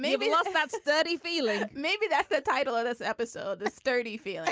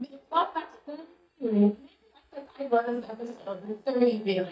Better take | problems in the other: first | noise reduction (neural mask model DeepFilterNet 3)

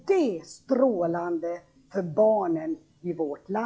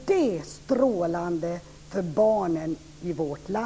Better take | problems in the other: second | noise reduction (classical method log-MMSE)

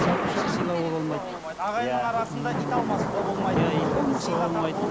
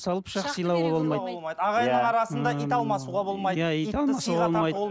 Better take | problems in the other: second | background sound (Thunder / Rain); as loud as the speech

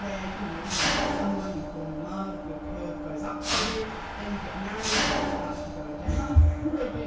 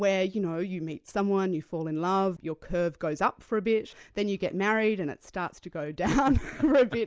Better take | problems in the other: second | background sound (Mechanisms); 1 dB below the speech // room echo; dies away in 0.6 s

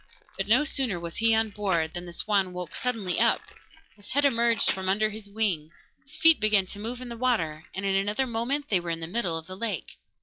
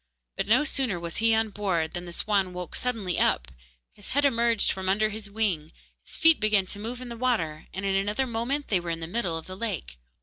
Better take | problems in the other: second | noise reduction (classical method log-MMSE)

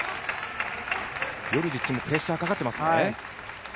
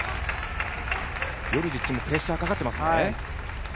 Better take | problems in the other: first | background sound (Bird vocalization, bird call, bird song); 6 dB below the speech

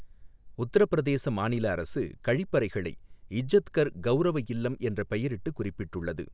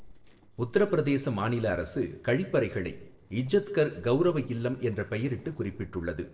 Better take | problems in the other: first | noise reduction (neural separator model SepFormer DNS4)

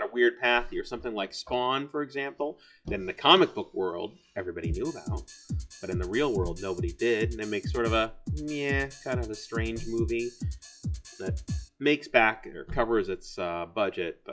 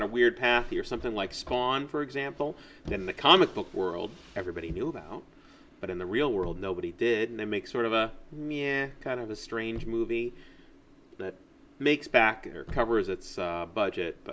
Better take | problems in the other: second | noise reduction (classical method log-MMSE)

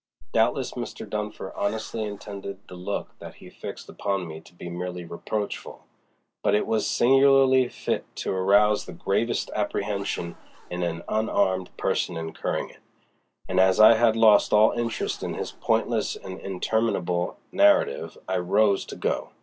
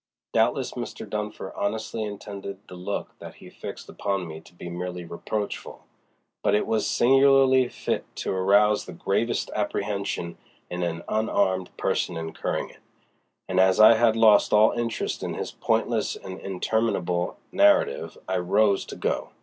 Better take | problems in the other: second | background sound (Zipper (clothing)); 16 dB below the speech

